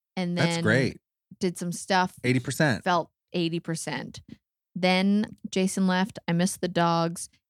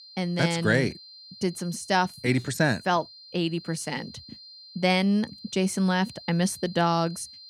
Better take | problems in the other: first | high-pitched whine; noticeable; throughout; 4 kHz, 20 dB below the speech

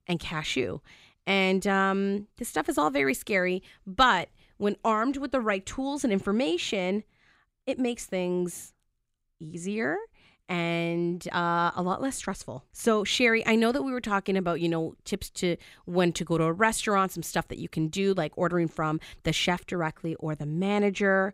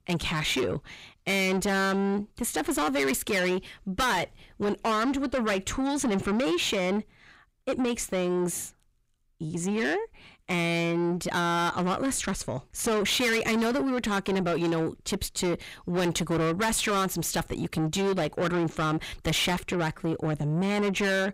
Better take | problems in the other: first | distortion; heavy; 6 dB below the speech

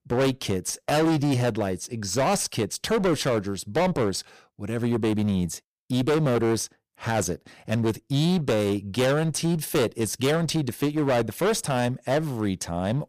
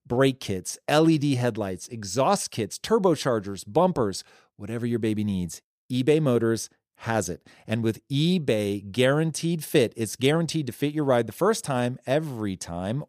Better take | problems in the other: second | distortion; heavy; 19% of the sound clipped

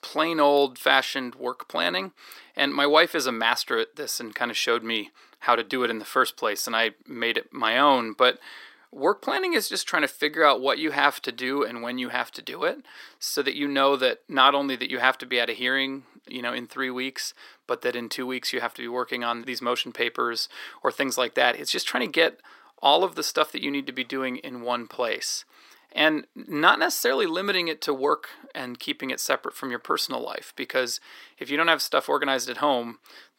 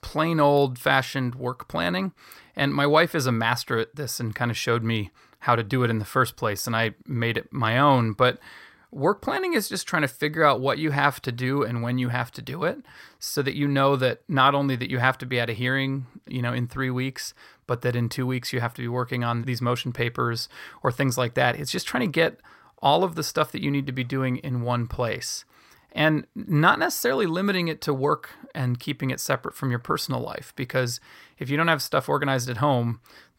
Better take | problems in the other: second | thin; somewhat; fading below 250 Hz

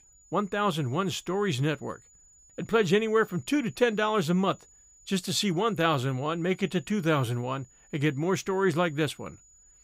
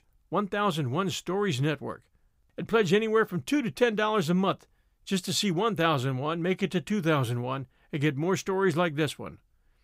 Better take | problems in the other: second | high-pitched whine; faint; throughout; 7 kHz, 25 dB below the speech

